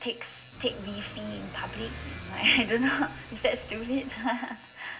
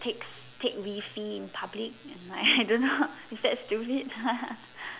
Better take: second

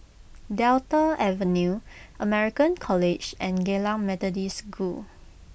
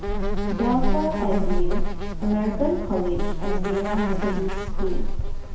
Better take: first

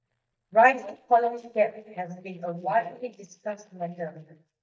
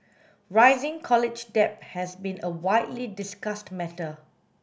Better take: second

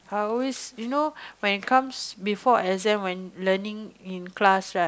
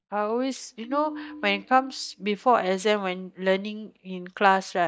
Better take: first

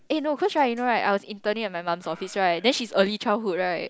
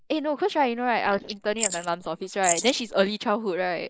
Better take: first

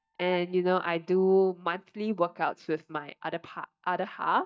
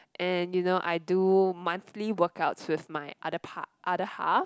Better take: second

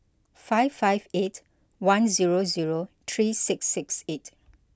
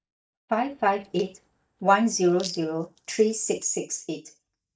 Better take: first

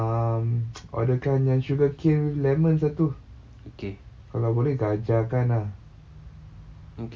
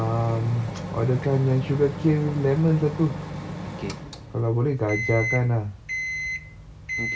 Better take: first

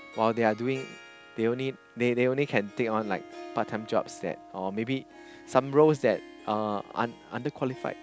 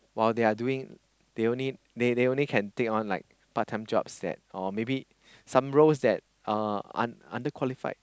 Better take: second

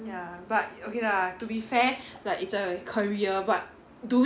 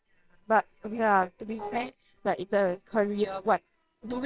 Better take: first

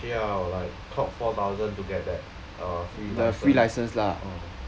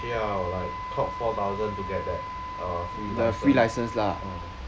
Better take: first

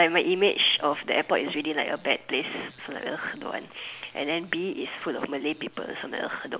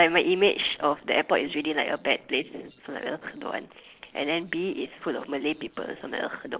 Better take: first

